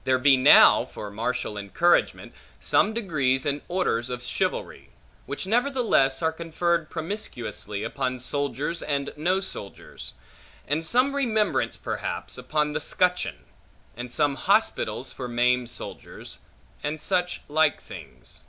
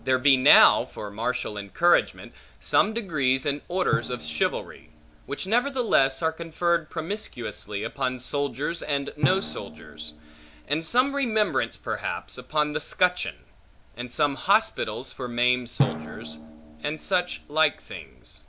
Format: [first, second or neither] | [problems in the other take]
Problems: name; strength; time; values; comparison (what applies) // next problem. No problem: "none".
first | background sound (Drum); 12 dB below the speech